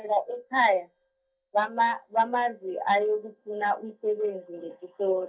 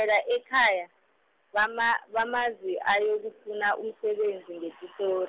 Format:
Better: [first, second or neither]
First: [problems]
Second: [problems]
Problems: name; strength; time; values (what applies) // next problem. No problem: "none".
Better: second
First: noise reduction (neural mask model DeepFilterNet 3)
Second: none